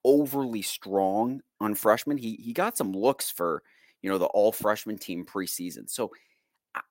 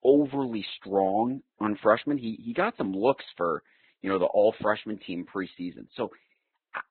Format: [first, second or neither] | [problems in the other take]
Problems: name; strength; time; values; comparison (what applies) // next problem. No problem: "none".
first | garbled, watery; badly; nothing above 4 kHz